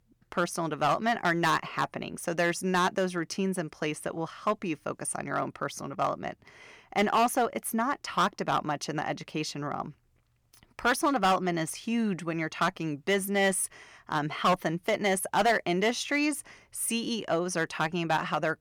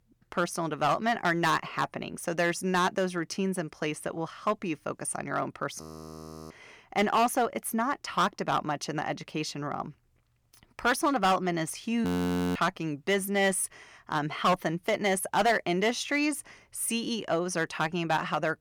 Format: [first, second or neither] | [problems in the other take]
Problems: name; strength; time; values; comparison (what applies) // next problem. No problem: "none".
first | audio freezing; at 6 s for 0.5 s and at 12 s for 0.5 s